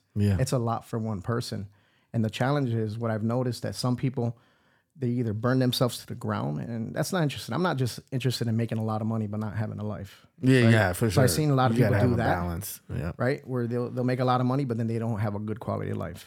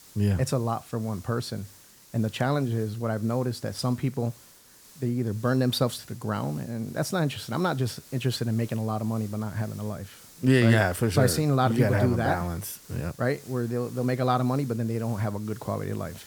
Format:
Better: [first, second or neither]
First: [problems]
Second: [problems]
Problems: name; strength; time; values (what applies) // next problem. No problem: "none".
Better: first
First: none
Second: hiss; faint; throughout; 20 dB below the speech